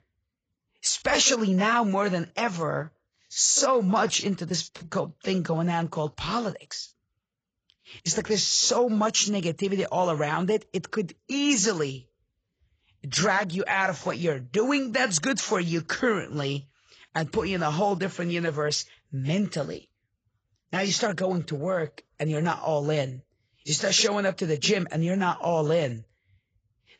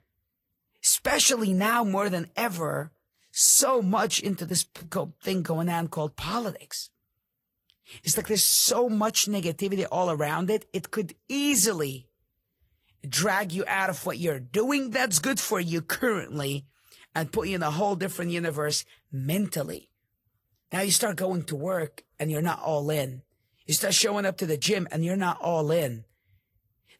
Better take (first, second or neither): second